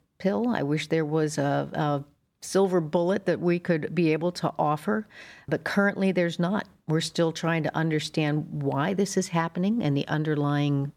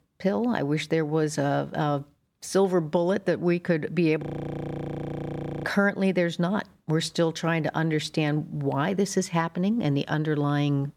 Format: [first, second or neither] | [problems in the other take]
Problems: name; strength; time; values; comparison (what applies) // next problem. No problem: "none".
first | audio freezing; at 4 s for 1.5 s